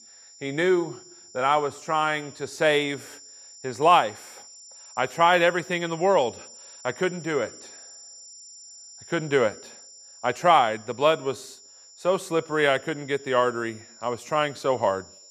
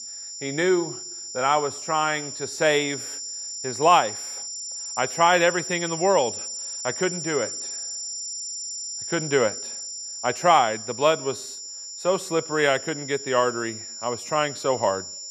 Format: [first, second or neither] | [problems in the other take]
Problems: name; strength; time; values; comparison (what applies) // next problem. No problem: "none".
first | high-pitched whine; loud; throughout; 7 kHz, 8 dB below the speech; faint in the first